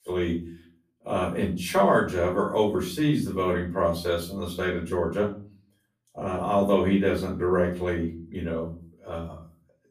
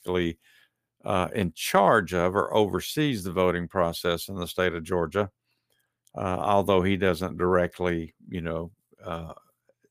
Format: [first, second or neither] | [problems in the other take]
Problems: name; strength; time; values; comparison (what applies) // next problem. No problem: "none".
second | off-mic speech; far // room echo; slight; dies away in 0.4 s